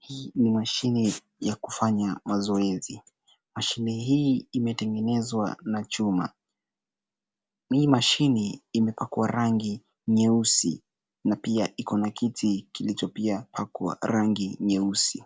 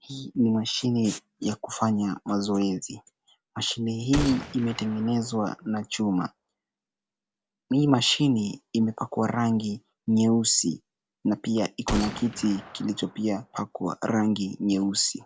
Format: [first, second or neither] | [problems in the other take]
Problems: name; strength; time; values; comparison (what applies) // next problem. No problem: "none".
first | background sound (Gunshot, gunfire); 11 dB below the speech